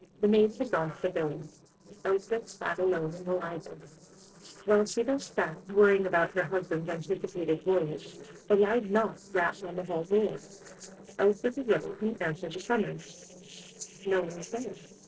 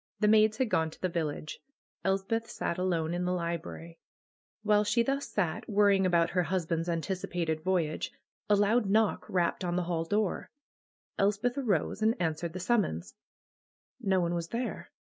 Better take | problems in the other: second | noise reduction (neural separator model SepFormer DNS4)

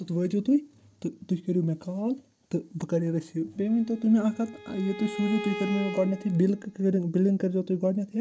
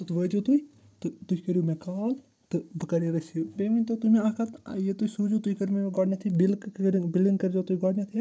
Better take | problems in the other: second | background sound (Bowed string instrument); 12 dB below the speech

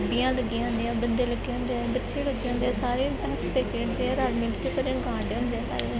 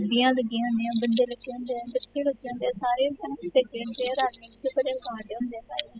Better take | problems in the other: first | noise reduction (classical method spectral subtraction)

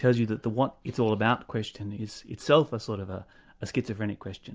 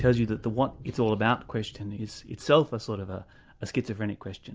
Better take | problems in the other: first | background sound (Boom); 18 dB below the speech

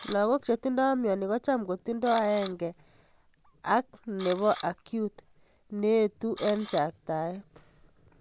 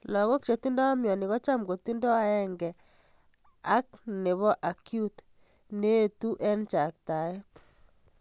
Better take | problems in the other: second | background sound (Camera); 20 dB below the speech

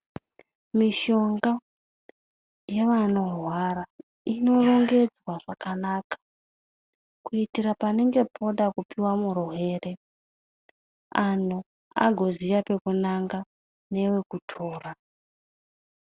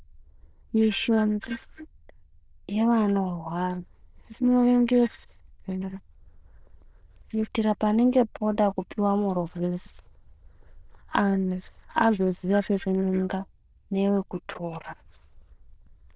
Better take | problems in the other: first | noise reduction (neural diffusion model UNIVERSE++)

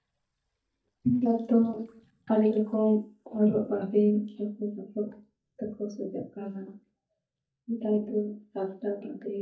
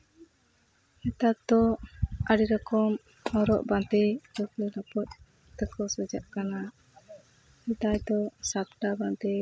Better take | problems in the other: second | noise reduction (neural mask model DeepFilterNet 3)

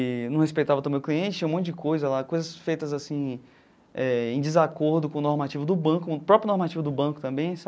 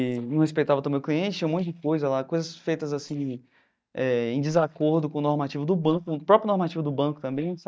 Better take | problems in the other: first | noise reduction (neural mask model DeepFilterNet 3)

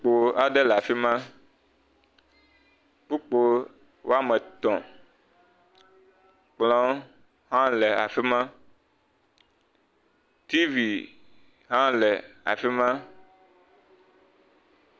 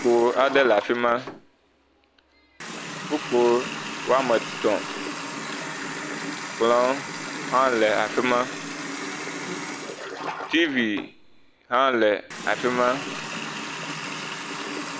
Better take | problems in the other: first | background sound (Water tap, faucet); 8 dB below the speech

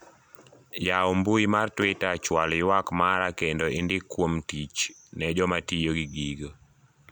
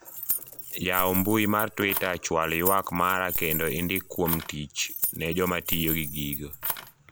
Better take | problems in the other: first | background sound (Keys jangling); 5 dB below the speech

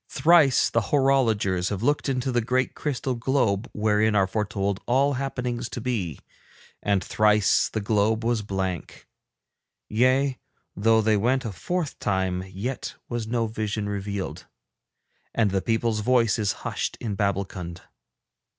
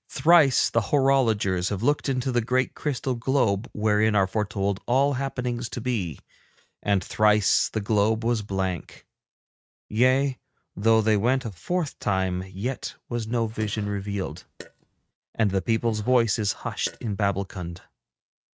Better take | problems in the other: first | noise reduction (neural mask model RNNoise)

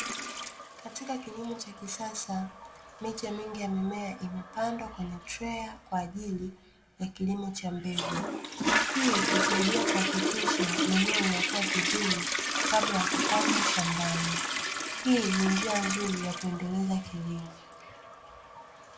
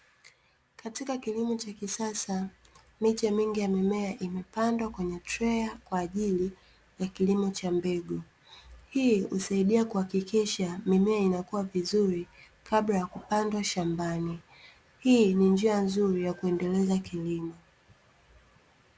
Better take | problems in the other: second | background sound (Toilet flush); 1 dB above the speech // room echo; dies away in 0.3 s

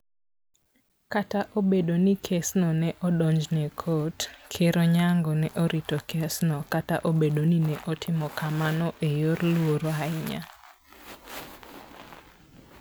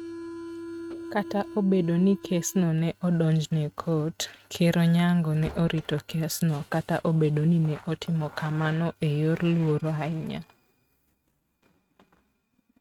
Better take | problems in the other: first | noise reduction (neural mask model RNNoise)

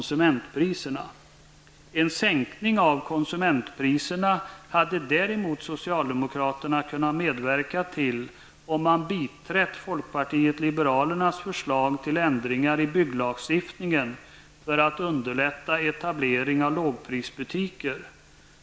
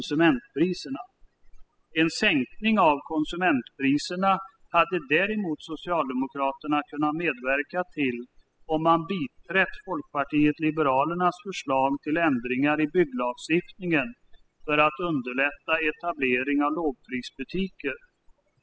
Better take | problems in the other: first | noise reduction (classical method spectral subtraction)

